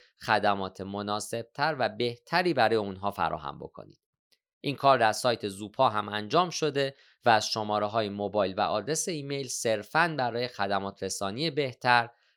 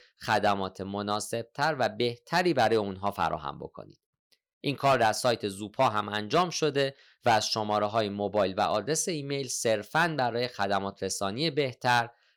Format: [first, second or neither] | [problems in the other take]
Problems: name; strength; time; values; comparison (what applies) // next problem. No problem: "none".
first | distortion; slight; 1.9% of the sound clipped